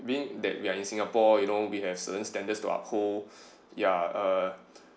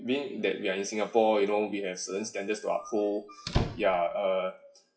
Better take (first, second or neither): first